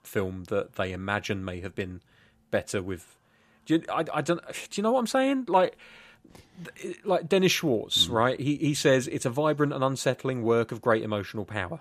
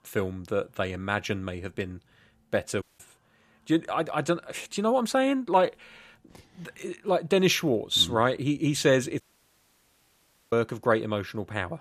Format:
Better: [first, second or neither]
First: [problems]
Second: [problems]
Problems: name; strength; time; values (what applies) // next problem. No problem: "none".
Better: first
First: none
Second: audio cutting out; at 3 s and at 9 s for 1.5 s